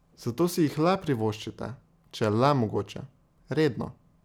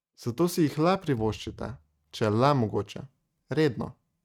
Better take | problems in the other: first | noise reduction (neural mask model RNNoise)

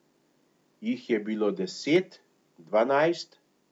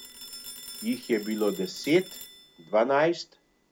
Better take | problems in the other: first | background sound (Telephone); 17 dB below the speech

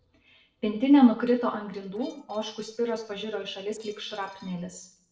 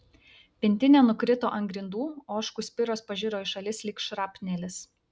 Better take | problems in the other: second | noise reduction (neural separator model SepFormer DNS4)

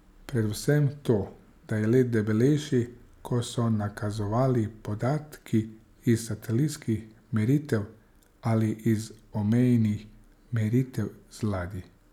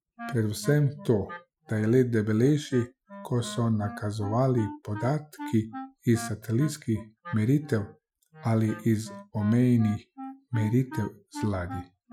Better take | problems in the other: first | noise reduction (classical method Wiener filter)

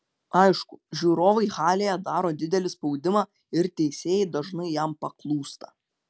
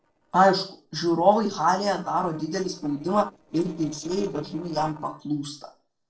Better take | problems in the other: first | noise reduction (neural separator model SepFormer DNS4)

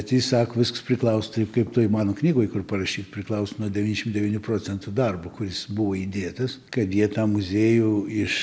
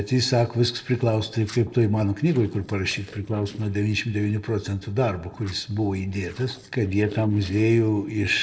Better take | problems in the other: first | noise reduction (neural separator model SepFormer DNS4)

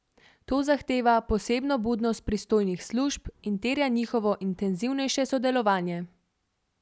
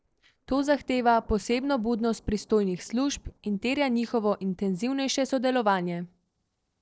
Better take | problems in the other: first | noise reduction (neural separator model SepFormer DNS4)

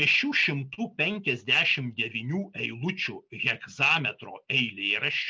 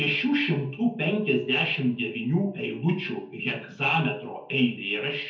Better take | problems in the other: first | room echo; dies away in 0.5 s

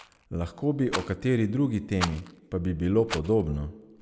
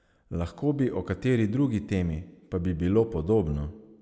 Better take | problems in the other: second | background sound (Rattle); 13 dB below the speech

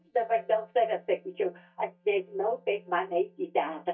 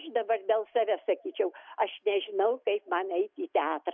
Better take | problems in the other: second | noise reduction (neural mask model DeepFilterNet 3)

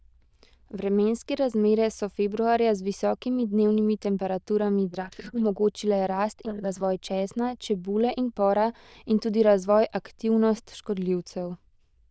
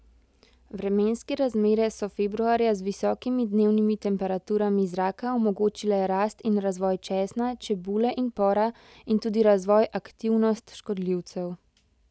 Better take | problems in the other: second | noise reduction (neural diffusion model UNIVERSE++)

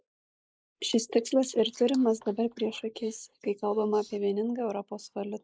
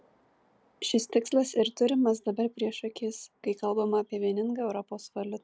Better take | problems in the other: second | noise reduction (neural mask model Resemble Enhance denoiser)

